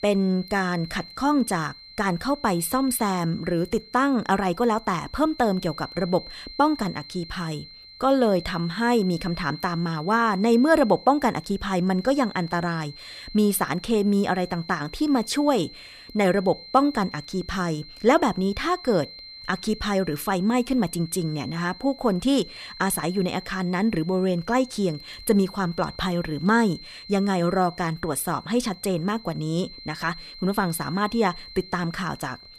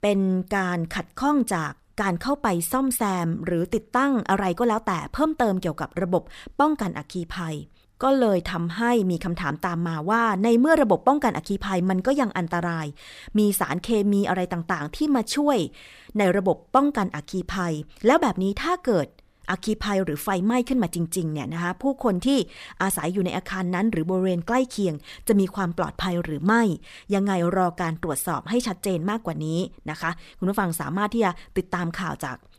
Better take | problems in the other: second | high-pitched whine; noticeable; throughout; 4 kHz, 15 dB below the speech

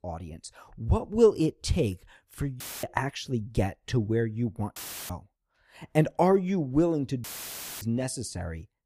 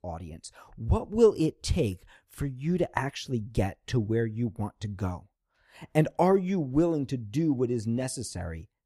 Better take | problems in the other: second | audio cutting out; filled with static; at 2.5 s, at 5 s and at 7 s for 0.5 s

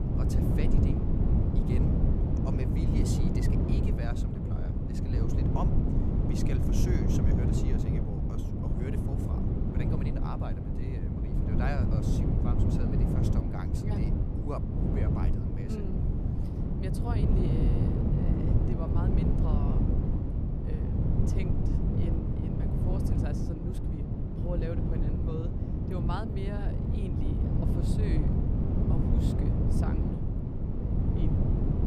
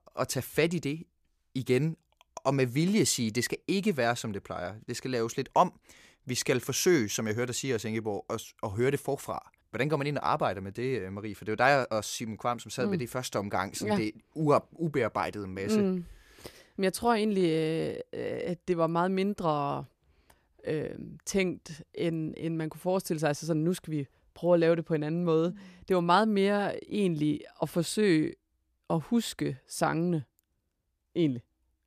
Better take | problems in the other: second | wind noise on the microphone; heavy; 5 dB above the speech

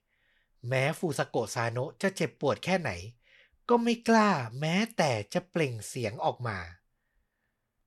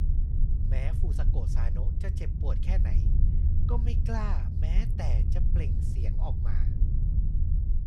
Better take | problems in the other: first | low rumble; loud; throughout; 2 dB below the speech

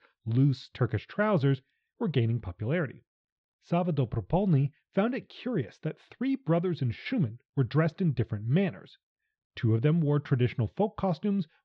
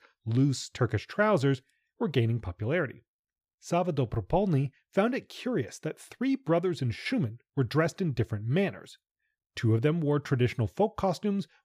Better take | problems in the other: second | muffled; very slightly; fading above 4 kHz

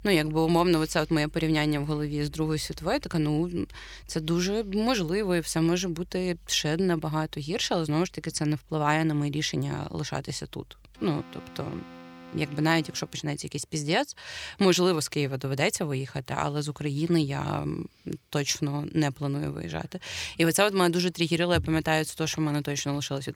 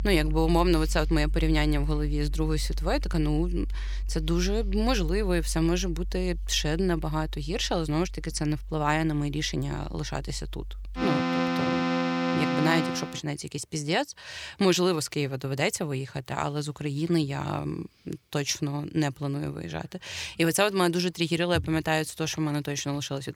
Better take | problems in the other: first | background music; loud; until 13 s; 4 dB below the speech; faint in the first

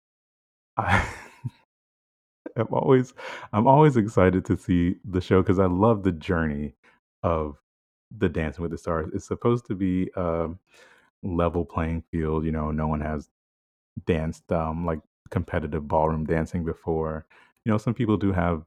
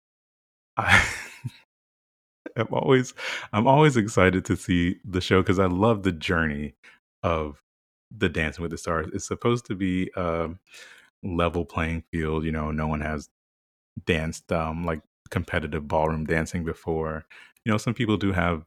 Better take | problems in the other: second | muffled; slightly; fading above 1.5 kHz

